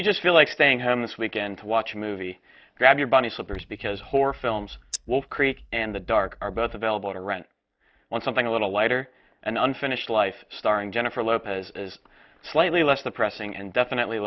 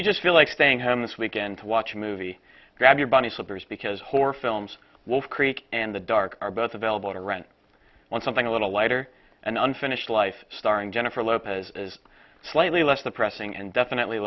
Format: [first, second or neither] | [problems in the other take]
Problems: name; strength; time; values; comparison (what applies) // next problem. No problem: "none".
second | noise reduction (neural mask model DeepFilterNet 3)